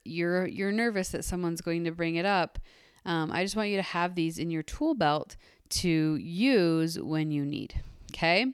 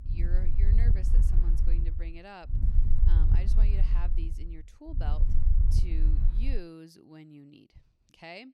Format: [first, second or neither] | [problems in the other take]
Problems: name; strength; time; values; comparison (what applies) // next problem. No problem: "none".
first | wind noise on the microphone; heavy; until 6.5 s; 1 dB below the speech